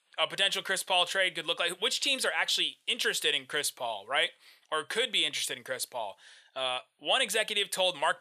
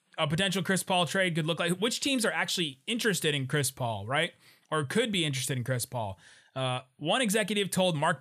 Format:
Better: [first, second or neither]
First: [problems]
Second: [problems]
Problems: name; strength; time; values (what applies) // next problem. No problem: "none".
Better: second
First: thin; very; fading below 550 Hz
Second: none